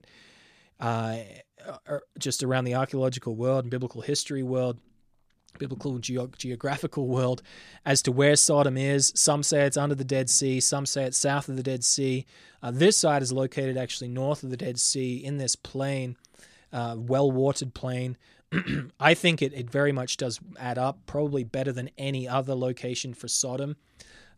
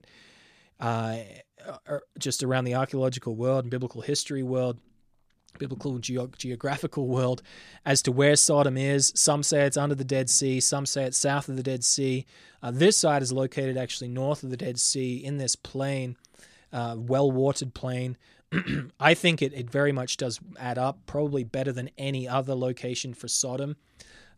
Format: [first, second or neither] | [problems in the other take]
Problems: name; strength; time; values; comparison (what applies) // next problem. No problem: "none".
neither | none